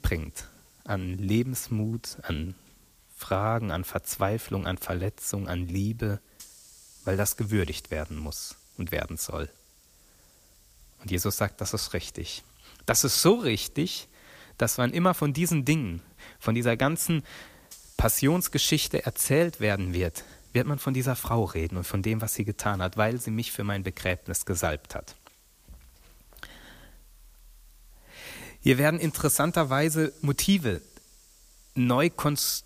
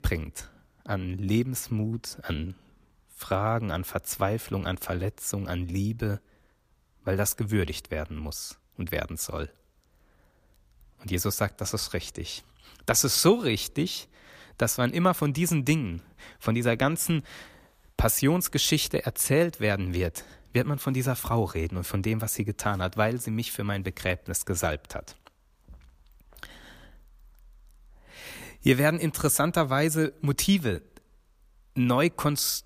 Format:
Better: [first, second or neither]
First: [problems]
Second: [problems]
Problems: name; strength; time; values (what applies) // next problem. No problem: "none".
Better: second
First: hiss; faint; throughout; 30 dB below the speech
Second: none